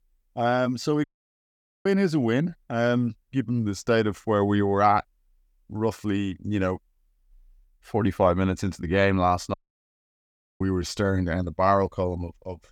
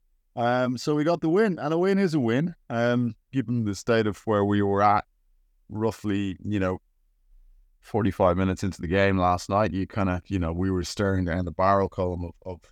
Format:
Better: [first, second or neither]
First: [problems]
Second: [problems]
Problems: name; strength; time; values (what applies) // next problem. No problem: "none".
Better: second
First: audio cutting out; at 1 s for 1 s and at 9.5 s for 1 s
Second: none